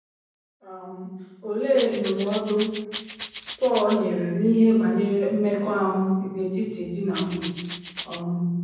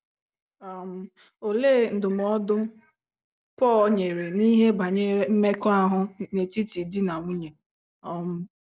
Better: second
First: background sound (Rattle (instrument)); 12 dB below the speech // room echo; dies away in 1.1 s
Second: none

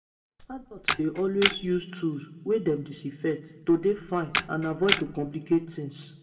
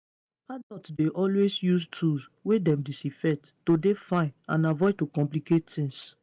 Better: second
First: background sound (Camera); 3 dB below the speech // room echo; dies away in 1.1 s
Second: none

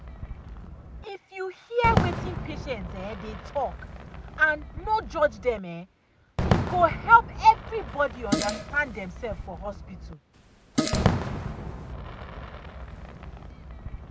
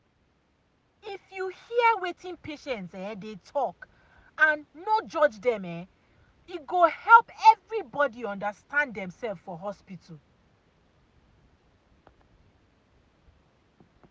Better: second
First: background sound (Fireworks + Fart); 3 dB below the speech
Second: none

